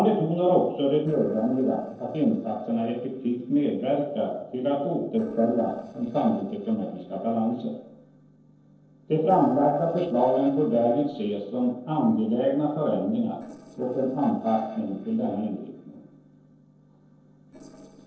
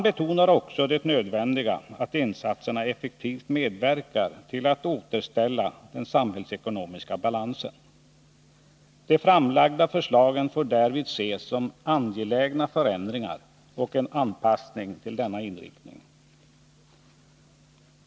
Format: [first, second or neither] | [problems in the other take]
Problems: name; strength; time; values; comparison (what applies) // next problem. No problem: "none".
second | noise reduction (neural separator model SepFormer DNS4)